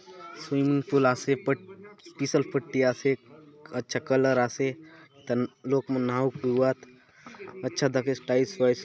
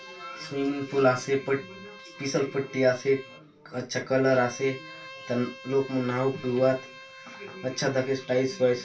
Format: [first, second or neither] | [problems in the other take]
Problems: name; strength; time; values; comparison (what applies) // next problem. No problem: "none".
first | background sound (Bowed string instrument); 19 dB below the speech // room echo; dies away in 0.2 s